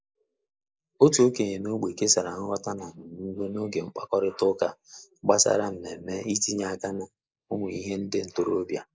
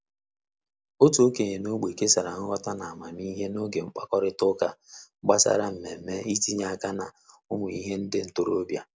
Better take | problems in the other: second | noise reduction (neural mask model Resemble Enhance denoiser)

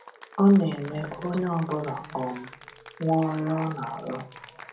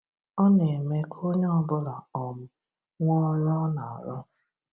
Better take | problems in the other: second | background sound (Applause / Cheering); 19 dB below the speech // room echo; dies away in 0.2 s

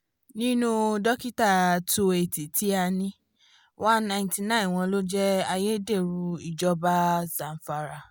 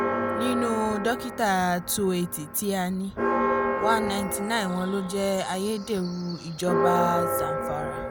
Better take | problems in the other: first | background sound (Church bell); 2 dB below the speech

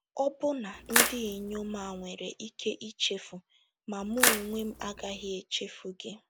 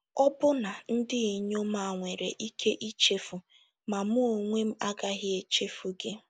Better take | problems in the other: second | background sound (Splash, splatter); 4 dB above the speech

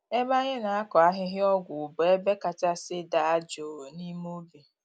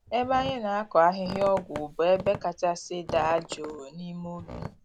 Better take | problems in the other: first | background sound (Squeak); 13 dB below the speech

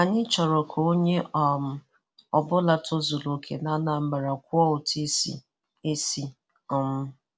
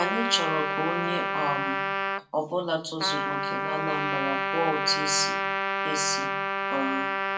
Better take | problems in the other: first | background sound (Trumpet); 2 dB above the speech // room echo; dies away in 0.2 s

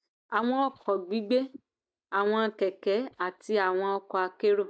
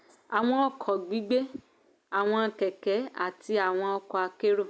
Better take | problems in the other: second | noise reduction (neural mask model DeepFilterNet 3)

